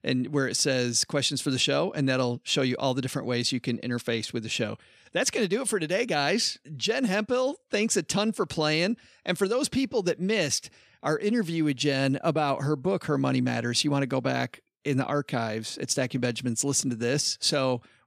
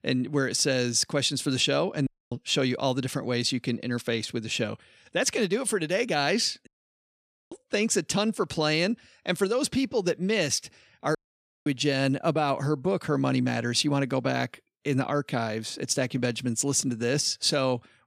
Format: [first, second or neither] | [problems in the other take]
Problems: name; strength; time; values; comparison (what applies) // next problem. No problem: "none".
first | audio cutting out; at 2 s, at 6.5 s for 1 s and at 11 s for 0.5 s